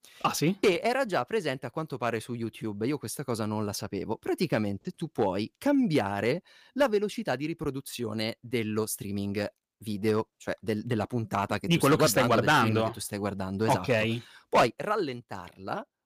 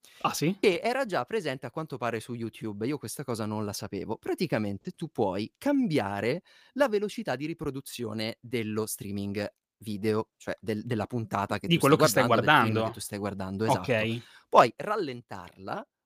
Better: second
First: distortion; slight; 1.5% of the sound clipped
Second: none

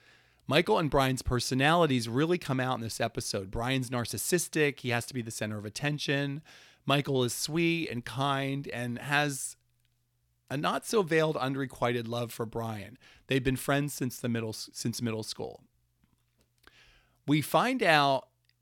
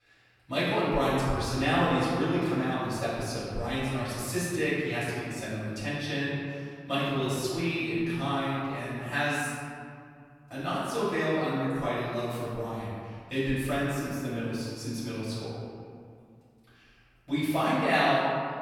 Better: first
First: none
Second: off-mic speech; far // room echo; strong; dies away in 2.1 s

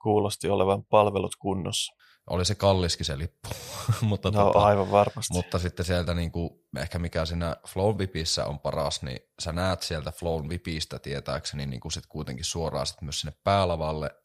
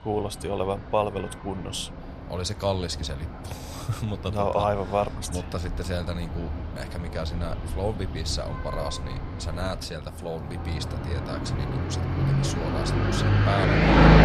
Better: first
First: none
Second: traffic noise; very loud; throughout; 3 dB above the speech

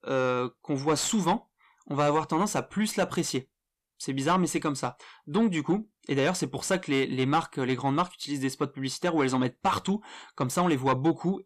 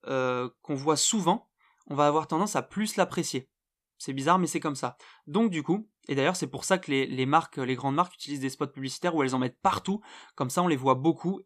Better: second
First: distortion; slight; 10 dB below the speech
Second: none

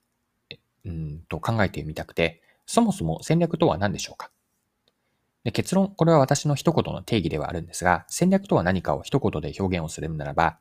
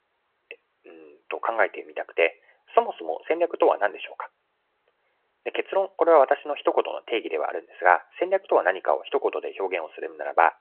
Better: first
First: none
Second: phone-call audio

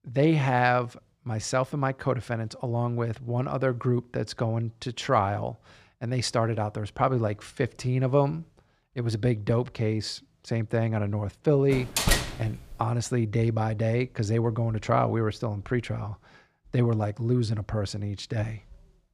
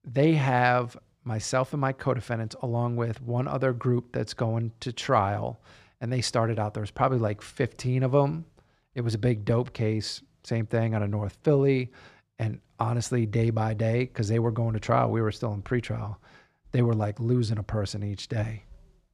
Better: second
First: door banging; loud; from 12 to 13 s; peak 3 dB above the speech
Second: none

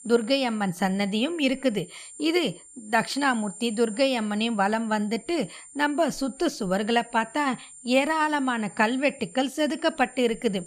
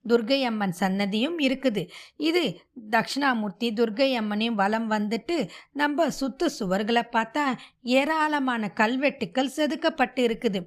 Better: second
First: high-pitched whine; noticeable; throughout; 9 kHz, 20 dB below the speech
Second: none

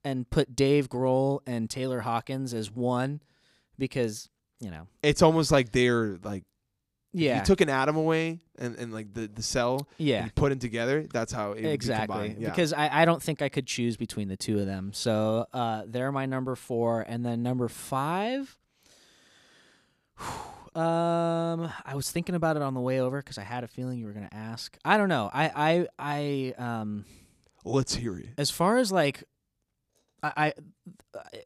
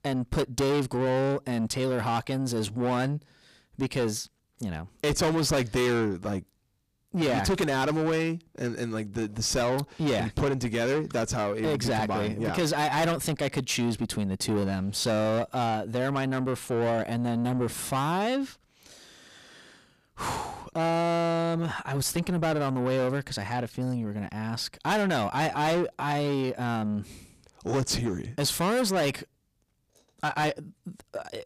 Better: first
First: none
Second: distortion; heavy; 6 dB below the speech

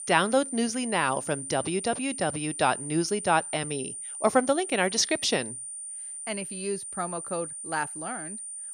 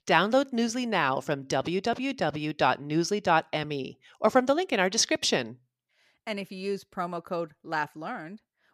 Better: second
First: high-pitched whine; loud; throughout; 9 kHz, 7 dB below the speech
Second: none

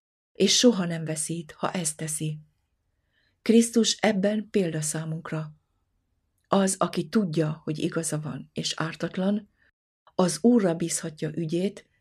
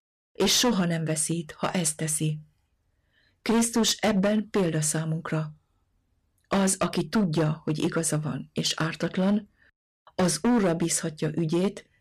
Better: first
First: none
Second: distortion; heavy; 8% of the sound clipped

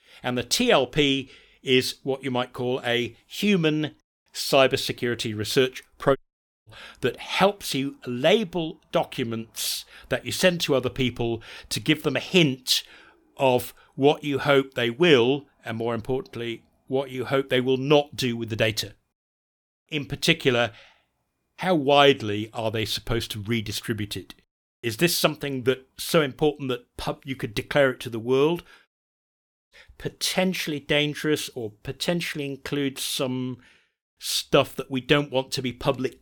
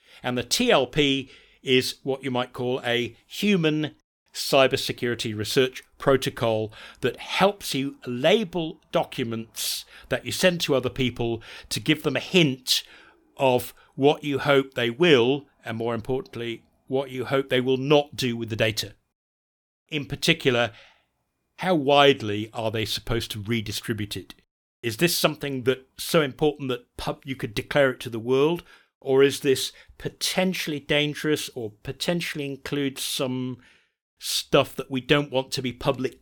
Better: second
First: audio cutting out; at 6 s for 0.5 s and at 29 s for 1 s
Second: none

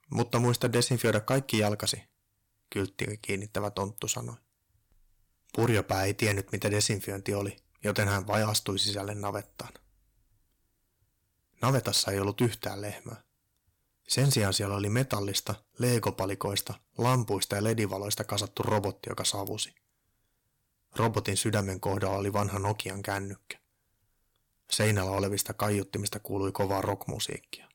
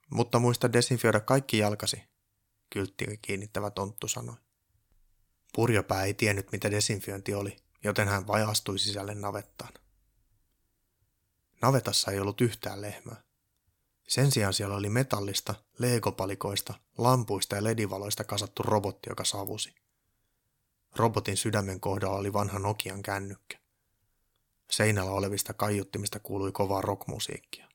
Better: second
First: distortion; slight; 2% of the sound clipped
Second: none

